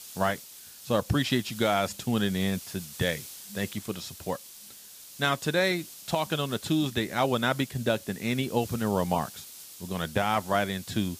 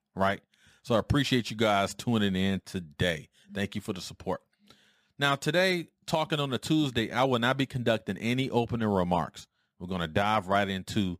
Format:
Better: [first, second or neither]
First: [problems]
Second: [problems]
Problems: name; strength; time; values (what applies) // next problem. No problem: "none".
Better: second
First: hiss; noticeable; throughout; 15 dB below the speech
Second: none